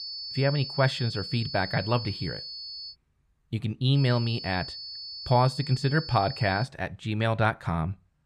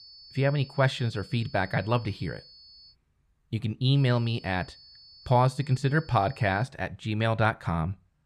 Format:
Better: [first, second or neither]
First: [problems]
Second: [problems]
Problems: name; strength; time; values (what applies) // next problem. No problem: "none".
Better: second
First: high-pitched whine; loud; until 3 s and from 4 to 6.5 s; 4.5 kHz, 9 dB below the speech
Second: high-pitched whine; faint; until 3 s and from 4 to 6.5 s; 4.5 kHz, 20 dB below the speech